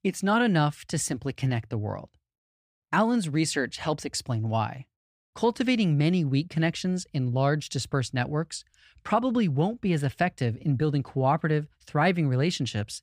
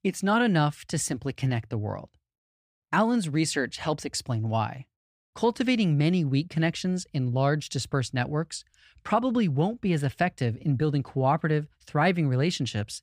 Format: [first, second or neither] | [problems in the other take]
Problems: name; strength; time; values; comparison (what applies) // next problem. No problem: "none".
neither | none